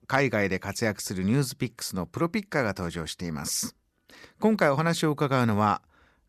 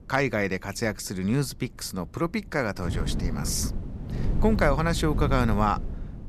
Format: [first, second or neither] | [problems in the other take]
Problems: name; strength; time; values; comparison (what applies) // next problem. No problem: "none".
first | wind noise on the microphone; occasional gusts; 15 dB below the speech